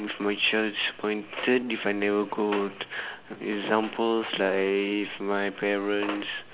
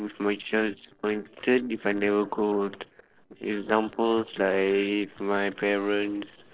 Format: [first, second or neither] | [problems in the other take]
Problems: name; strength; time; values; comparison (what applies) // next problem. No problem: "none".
first | noise reduction (neural separator model SepFormer DNS4)